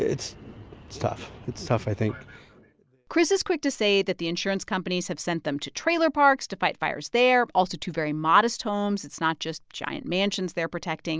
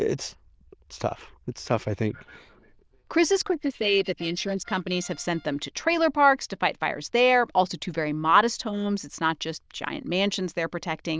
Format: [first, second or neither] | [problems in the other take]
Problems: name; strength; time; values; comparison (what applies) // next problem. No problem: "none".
first | noise reduction (neural diffusion model UNIVERSE++)